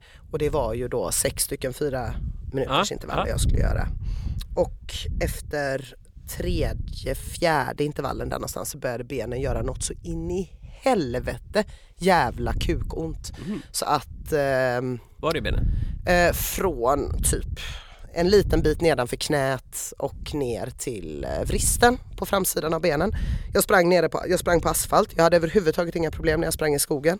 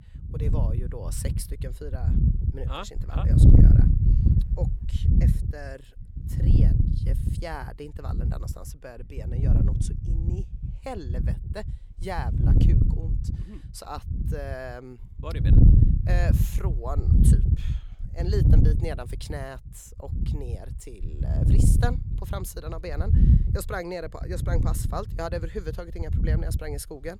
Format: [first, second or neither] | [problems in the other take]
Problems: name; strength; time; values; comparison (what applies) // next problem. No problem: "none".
first | wind noise on the microphone; heavy; 1 dB above the speech; occasional gusts in the first